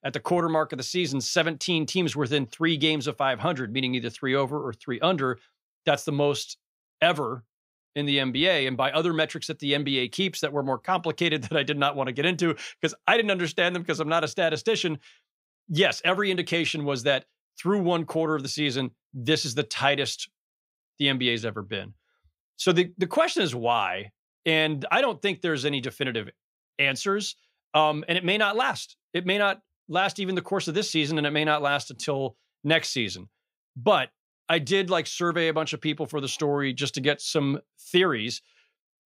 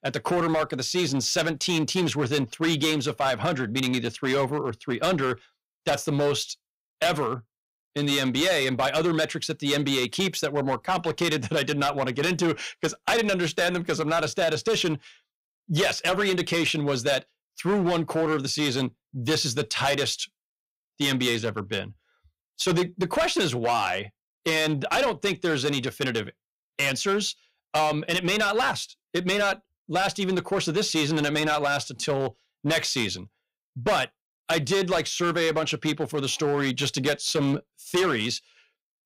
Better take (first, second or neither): first